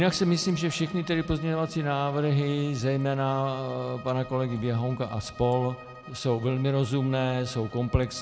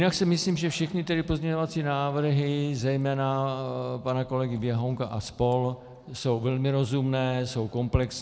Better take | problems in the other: second | background sound (Bowed string instrument); 19 dB below the speech

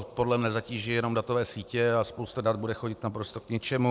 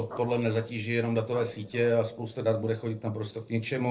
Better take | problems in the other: first | noise reduction (neural separator model SepFormer DNS4)

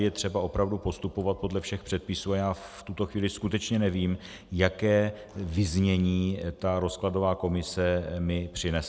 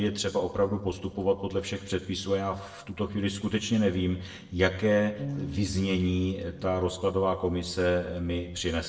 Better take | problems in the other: first | noise reduction (neural separator model SepFormer DNS4)

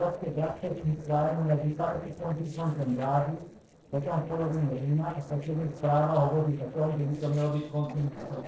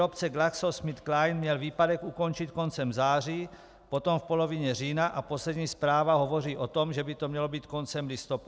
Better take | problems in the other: second | noise reduction (neural separator model SepFormer DNS4)

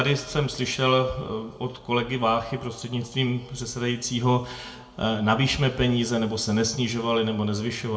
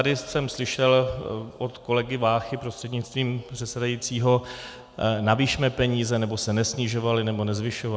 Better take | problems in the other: second | room echo; dies away in 0.4 s

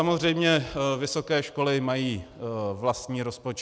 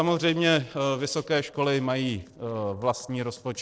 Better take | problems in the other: first | noise reduction (neural separator model SepFormer DNS4)

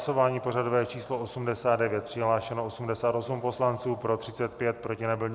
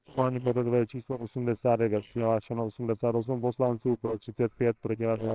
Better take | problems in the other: first | noise reduction (neural separator model SepFormer WHAMR!)

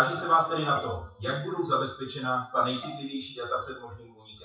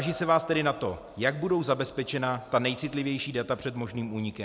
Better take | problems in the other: second | noise reduction (classical method WPE with log-MMSE)

